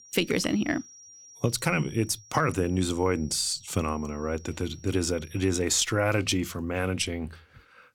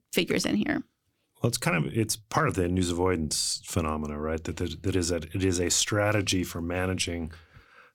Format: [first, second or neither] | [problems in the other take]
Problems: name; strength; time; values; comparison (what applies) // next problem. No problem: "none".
second | high-pitched whine; faint; until 5.5 s; 5.5 kHz, 20 dB below the speech